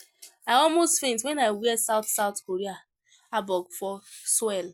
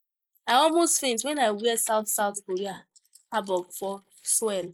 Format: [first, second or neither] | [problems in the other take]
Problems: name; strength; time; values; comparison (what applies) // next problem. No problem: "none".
first | noise reduction (neural mask model Resemble Enhance denoiser)